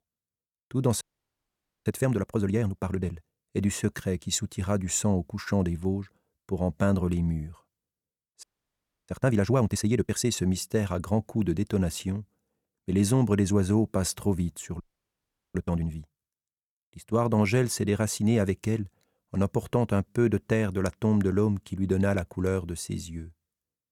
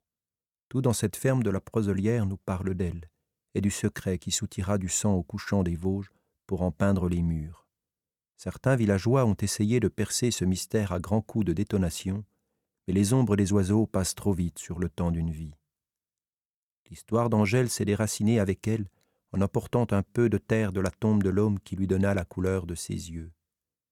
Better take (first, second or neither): second